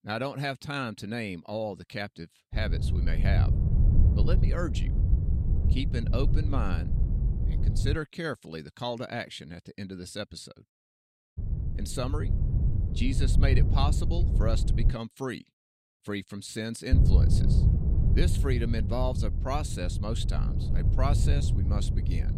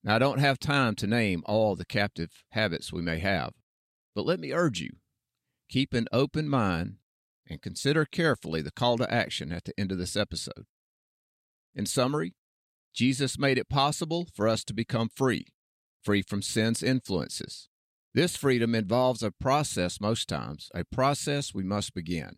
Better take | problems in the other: second | wind noise on the microphone; heavy; from 2.5 to 8 s, from 11 to 15 s and from 17 s on; 6 dB below the speech

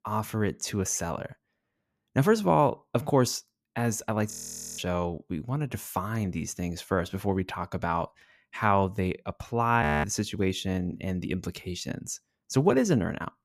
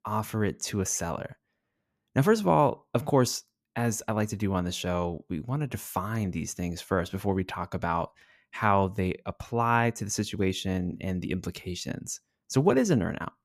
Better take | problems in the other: second | audio freezing; at 4.5 s and at 10 s

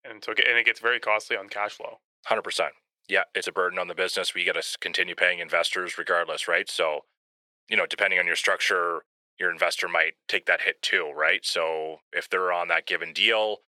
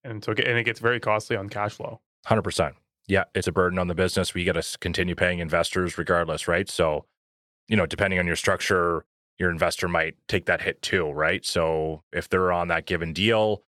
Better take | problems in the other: second | thin; very; fading below 550 Hz

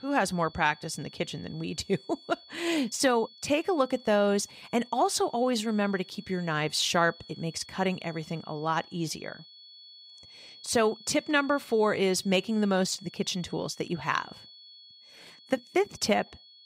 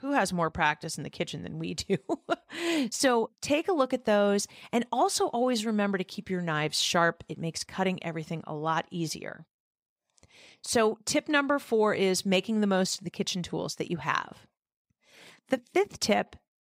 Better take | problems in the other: second | high-pitched whine; faint; throughout; 4.5 kHz, 20 dB below the speech

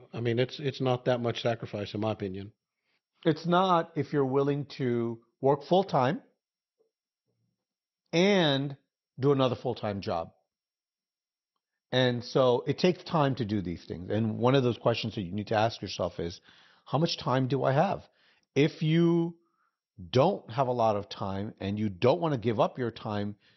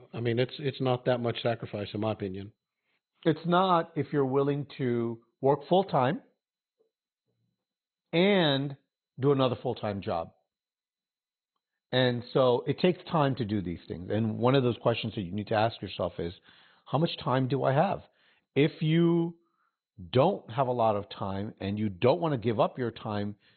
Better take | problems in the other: first | garbled, watery; badly; nothing above 4 kHz; slightly in the first

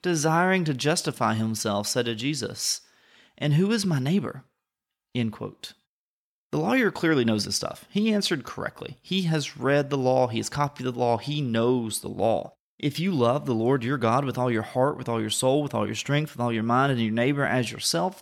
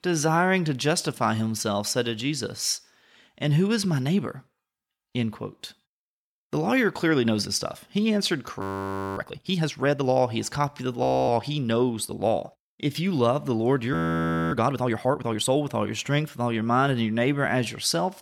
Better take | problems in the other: first | audio freezing; at 8.5 s for 0.5 s, at 11 s and at 14 s for 0.5 s

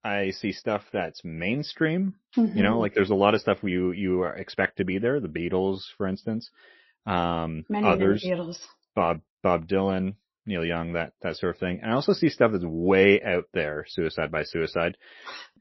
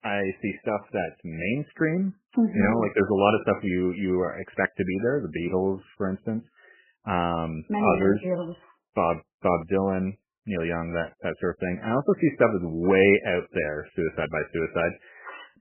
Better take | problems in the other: first | garbled, watery; badly; nothing above 3 kHz; slightly in the first

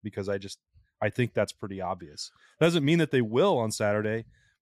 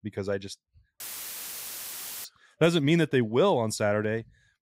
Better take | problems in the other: first | audio cutting out; filled with static; at 1 s for 1.5 s

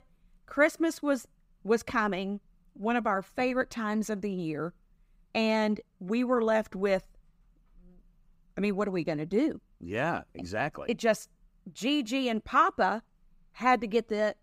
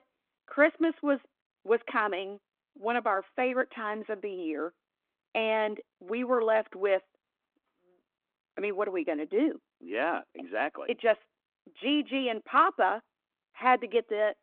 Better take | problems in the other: first | phone-call audio

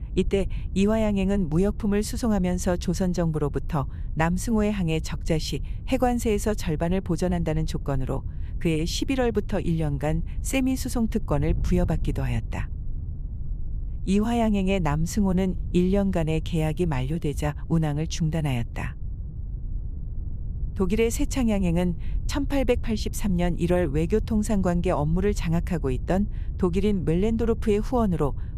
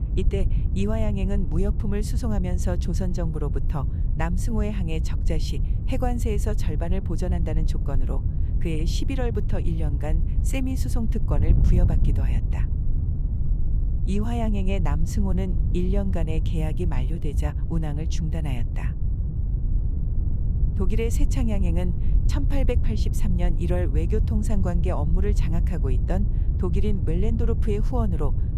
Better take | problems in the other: first | wind noise on the microphone; heavy; 8 dB below the speech; occasional gusts in the first

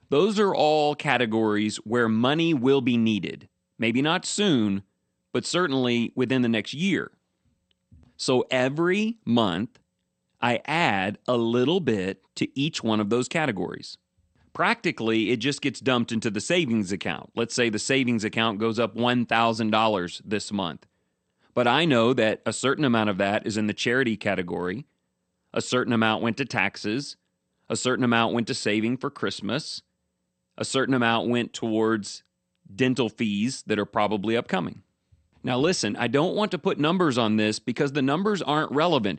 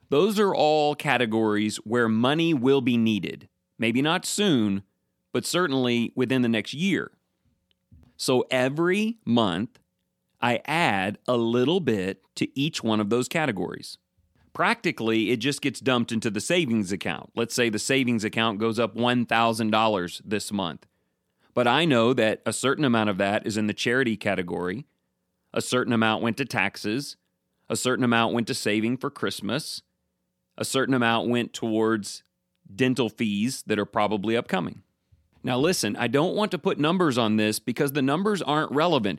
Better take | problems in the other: second | garbled, watery; slightly; nothing above 8.5 kHz

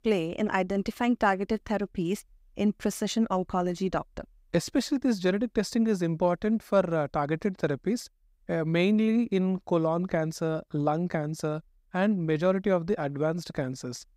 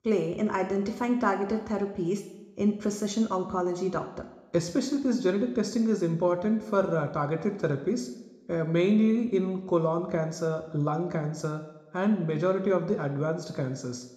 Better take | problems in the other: first | room echo; slight; dies away in 0.7 s // off-mic speech; somewhat distant

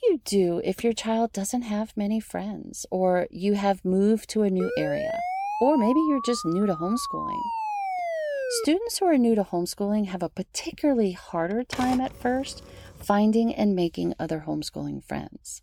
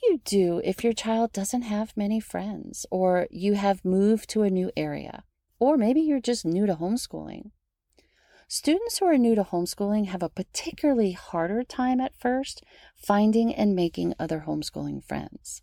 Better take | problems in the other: second | siren; noticeable; from 4.5 to 8.5 s; peak 3 dB below the speech // keyboard typing; noticeable; from 12 to 13 s; peak 9 dB below the speech

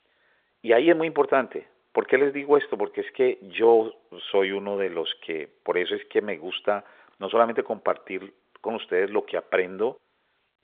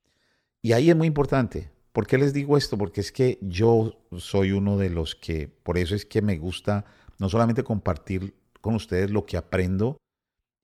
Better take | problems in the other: second | phone-call audio; nothing above 3.5 kHz

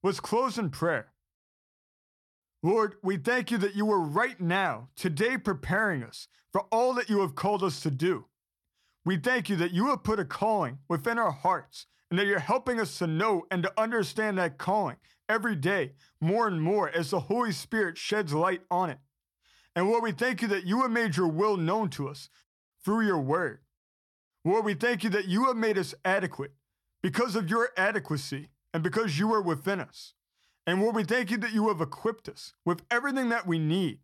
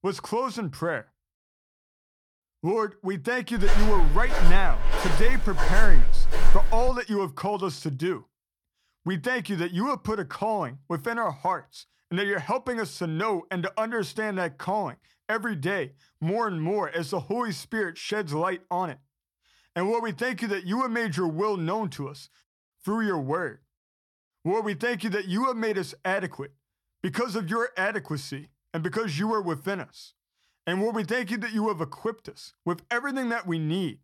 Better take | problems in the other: first | footsteps; loud; from 3.5 to 7 s; peak 2 dB above the speech

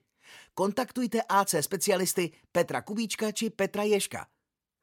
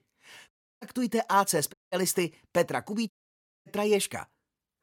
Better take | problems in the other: first | audio cutting out; at 0.5 s, at 1.5 s and at 3 s for 0.5 s

